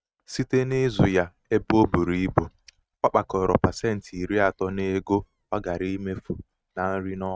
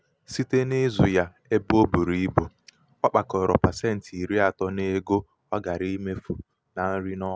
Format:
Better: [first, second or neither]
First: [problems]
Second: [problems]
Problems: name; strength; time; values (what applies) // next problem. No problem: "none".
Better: second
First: noise reduction (neural mask model RNNoise)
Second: none